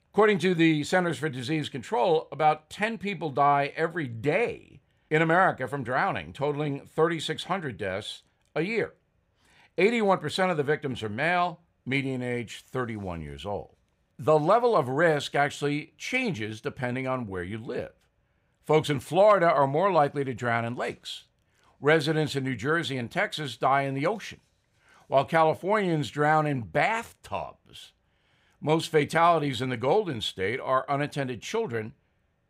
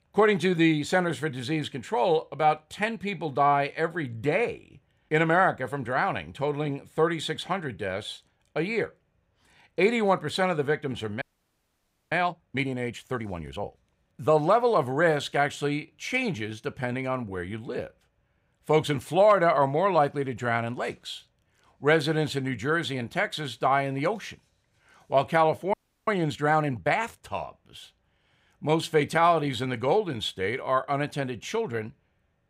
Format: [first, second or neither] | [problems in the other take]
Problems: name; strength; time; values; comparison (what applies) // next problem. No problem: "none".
first | audio freezing; at 11 s for 1 s and at 26 s